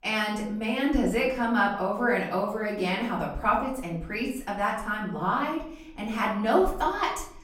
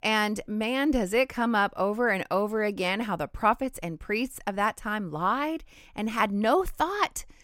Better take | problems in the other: second | off-mic speech; far // room echo; noticeable; dies away in 0.5 s

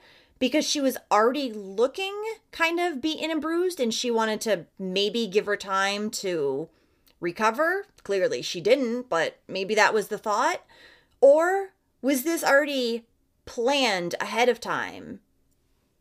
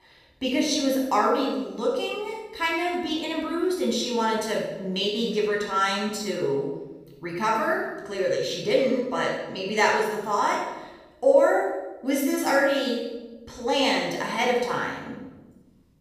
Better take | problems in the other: first | off-mic speech; far // room echo; noticeable; dies away in 1 s

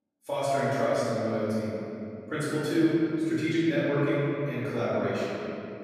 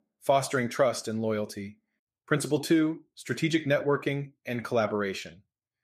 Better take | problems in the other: second | off-mic speech; far // room echo; strong; dies away in 2.8 s

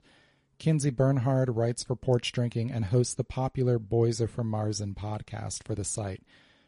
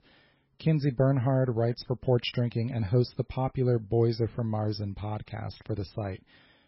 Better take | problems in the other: first | garbled, watery; badly; nothing above 5.5 kHz; slightly in the first

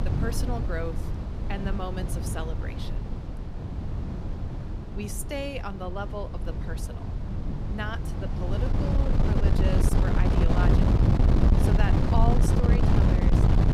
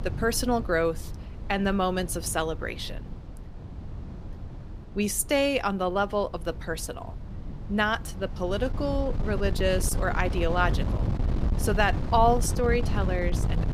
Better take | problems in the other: second | wind noise on the microphone; heavy; 1 dB above the speech; occasional gusts in the second

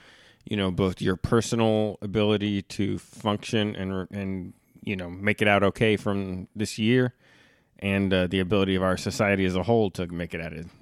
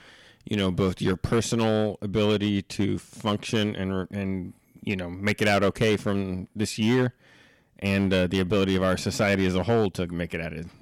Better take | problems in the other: first | distortion; slight; 5% of the sound clipped

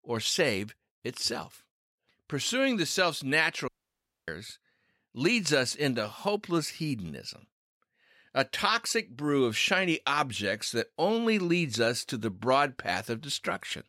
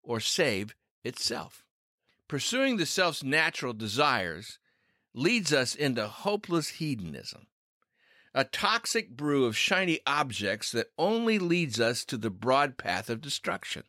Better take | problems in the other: second | audio cutting out; at 3.5 s for 0.5 s

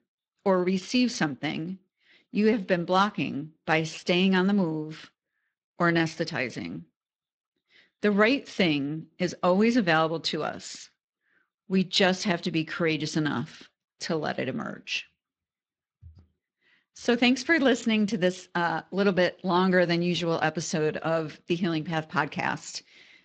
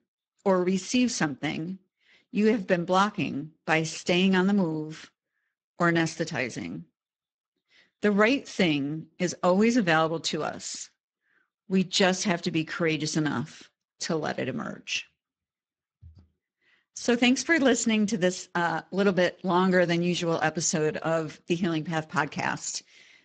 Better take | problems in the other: first | garbled, watery; badly; nothing above 7.5 kHz; slightly in the first

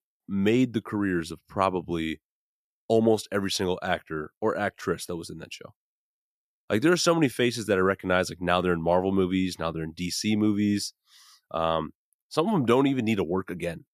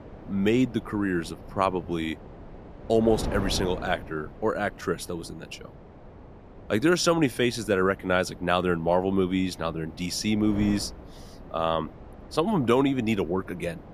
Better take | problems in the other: first | wind noise on the microphone; occasional gusts; 20 dB below the speech

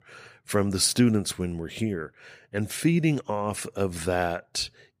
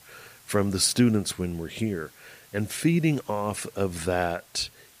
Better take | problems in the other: first | hiss; faint; throughout; 25 dB below the speech

